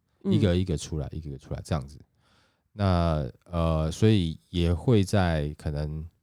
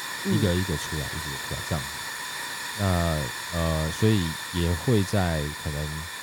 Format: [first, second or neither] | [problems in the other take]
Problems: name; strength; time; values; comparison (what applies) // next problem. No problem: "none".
first | hiss; loud; throughout; 5 dB below the speech